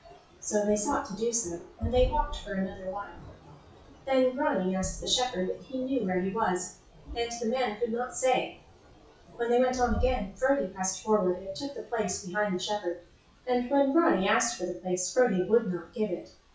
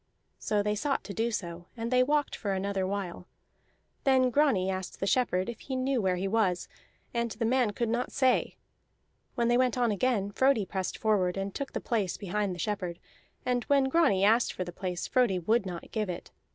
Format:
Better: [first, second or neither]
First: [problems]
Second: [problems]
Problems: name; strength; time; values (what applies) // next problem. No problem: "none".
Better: second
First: noise reduction (classical method WPE with log-MMSE)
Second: none